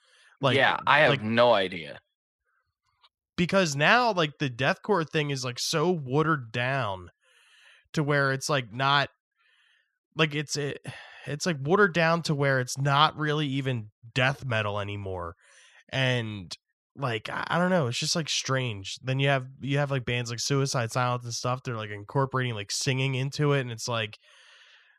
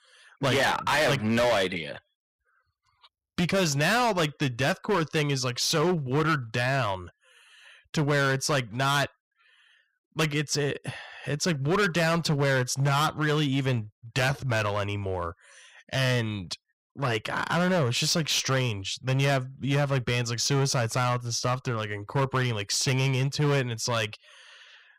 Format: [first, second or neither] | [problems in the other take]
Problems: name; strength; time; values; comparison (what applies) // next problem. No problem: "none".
first | distortion; heavy; 12% of the sound clipped